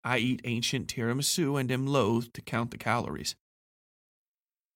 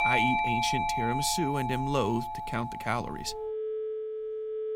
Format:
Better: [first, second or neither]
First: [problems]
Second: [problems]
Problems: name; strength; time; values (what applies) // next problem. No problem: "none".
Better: first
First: none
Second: alarms or sirens; loud; throughout; as loud as the speech